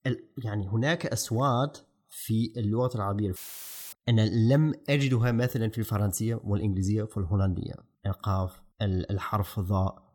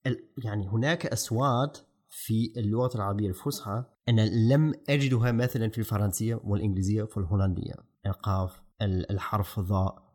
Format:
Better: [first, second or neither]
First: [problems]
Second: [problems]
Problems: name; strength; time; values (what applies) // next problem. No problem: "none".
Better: second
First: audio cutting out; filled with static; at 3.5 s for 0.5 s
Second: none